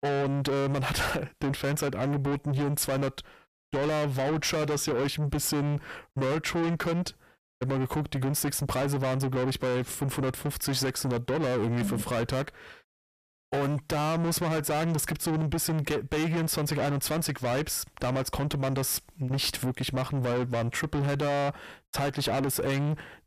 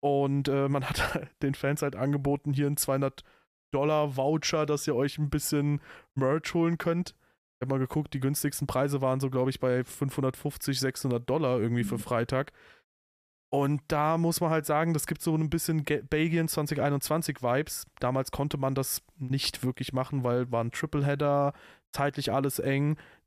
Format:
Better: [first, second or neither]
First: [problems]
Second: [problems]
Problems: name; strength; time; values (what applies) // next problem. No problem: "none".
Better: second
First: distortion; heavy; 7 dB below the speech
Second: none